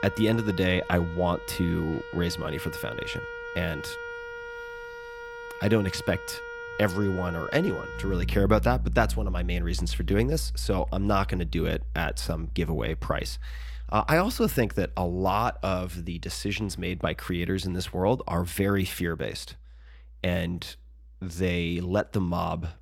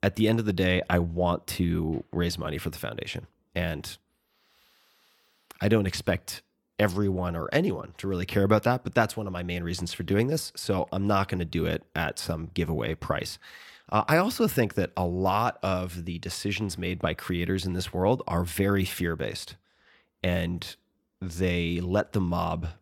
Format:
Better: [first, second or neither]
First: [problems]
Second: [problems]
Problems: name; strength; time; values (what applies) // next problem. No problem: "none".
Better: second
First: background music; loud; throughout; 9 dB below the speech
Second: none